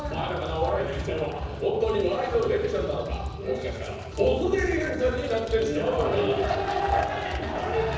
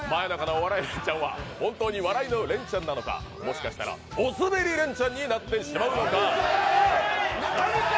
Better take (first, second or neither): second